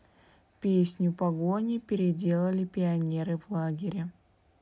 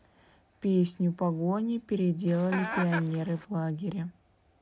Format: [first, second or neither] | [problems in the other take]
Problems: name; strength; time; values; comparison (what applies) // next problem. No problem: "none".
first | background sound (Chicken, rooster); 7 dB below the speech